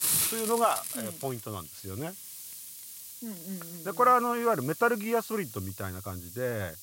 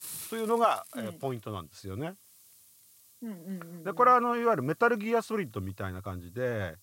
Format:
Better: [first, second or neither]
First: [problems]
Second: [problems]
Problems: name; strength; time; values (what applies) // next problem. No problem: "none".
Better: second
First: hiss; loud; throughout; 7 dB below the speech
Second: hiss; faint; throughout; 20 dB below the speech